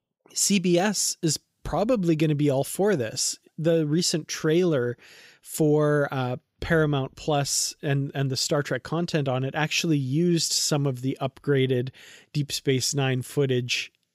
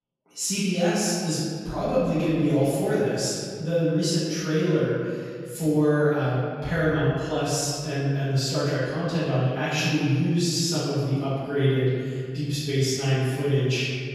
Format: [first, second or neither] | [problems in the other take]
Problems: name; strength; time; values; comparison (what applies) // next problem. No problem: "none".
first | off-mic speech; far // room echo; strong; dies away in 1.9 s